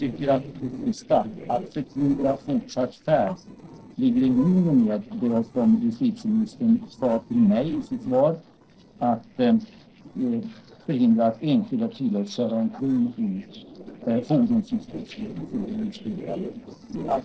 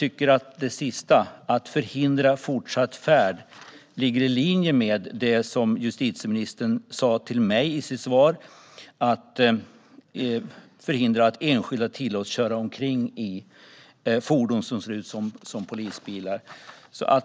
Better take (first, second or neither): second